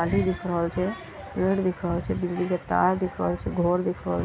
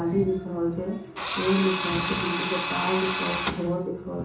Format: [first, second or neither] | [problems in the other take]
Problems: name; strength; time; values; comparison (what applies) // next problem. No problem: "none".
first | background sound (Drill); 3 dB below the speech // room echo; dies away in 0.6 s